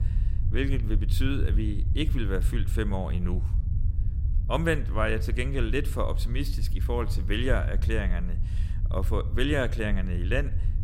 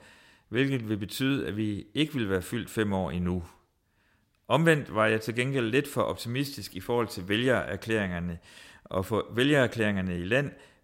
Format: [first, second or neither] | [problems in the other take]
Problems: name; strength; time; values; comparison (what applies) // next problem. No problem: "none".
second | low rumble; noticeable; throughout; 15 dB below the speech